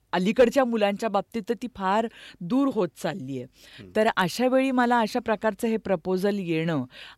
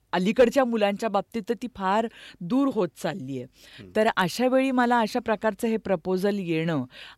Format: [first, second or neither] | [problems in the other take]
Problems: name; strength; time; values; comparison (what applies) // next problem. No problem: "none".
neither | none